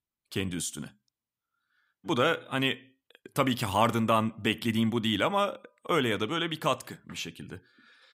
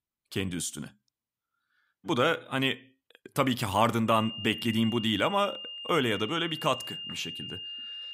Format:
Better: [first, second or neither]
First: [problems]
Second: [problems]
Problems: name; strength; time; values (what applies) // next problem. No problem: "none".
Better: first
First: none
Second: high-pitched whine; loud; from 4 s on; 3 kHz, 9 dB below the speech